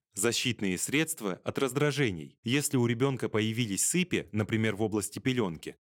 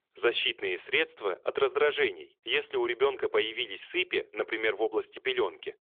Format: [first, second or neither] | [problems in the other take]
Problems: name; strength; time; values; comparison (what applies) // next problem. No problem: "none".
first | phone-call audio; nothing above 3.5 kHz